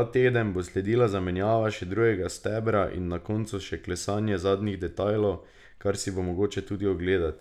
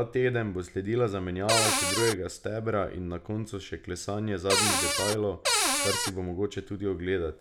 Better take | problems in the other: first | background sound (Cupboard open or close); 4 dB above the speech

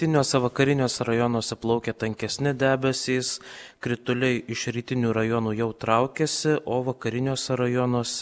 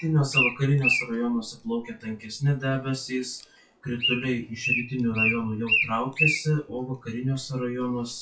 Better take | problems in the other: first | noise reduction (classical method WPE with log-MMSE)

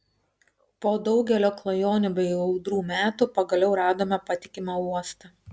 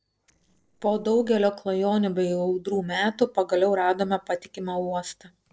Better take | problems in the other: first | noise reduction (neural separator model SepFormer DNS4)

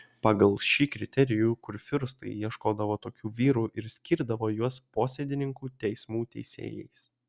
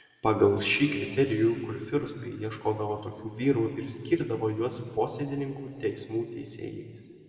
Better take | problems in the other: first | room echo; dies away in 2.4 s

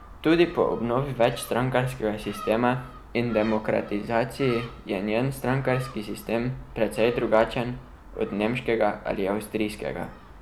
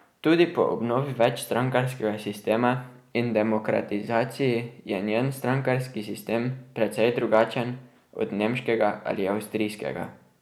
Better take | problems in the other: second | background sound (Gull, seagull); 17 dB below the speech

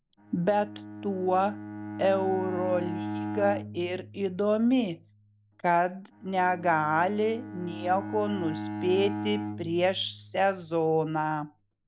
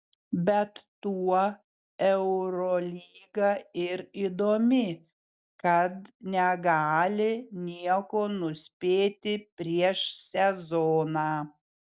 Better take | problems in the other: second | background sound (Bowed string instrument); 10 dB below the speech

